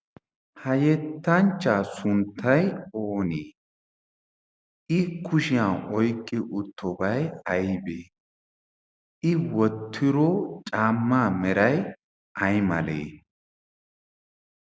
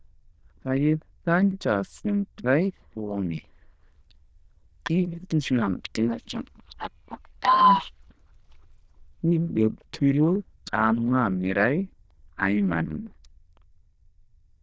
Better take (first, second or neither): first